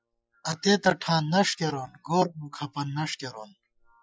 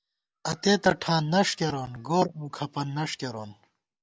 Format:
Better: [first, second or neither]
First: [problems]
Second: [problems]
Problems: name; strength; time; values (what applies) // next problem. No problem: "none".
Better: second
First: noise reduction (classical method Wiener filter)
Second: none